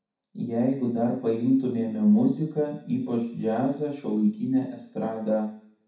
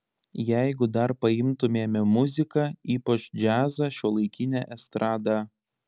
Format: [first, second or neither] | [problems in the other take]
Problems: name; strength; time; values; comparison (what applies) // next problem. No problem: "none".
second | room echo; dies away in 0.6 s